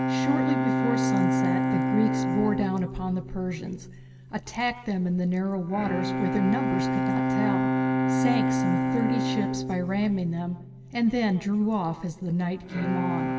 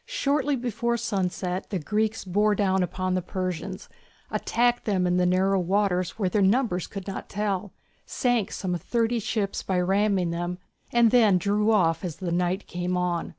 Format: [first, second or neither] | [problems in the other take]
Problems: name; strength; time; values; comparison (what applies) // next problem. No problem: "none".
second | background sound (Bowed string instrument); 1 dB above the speech // room echo; dies away in 1.7 s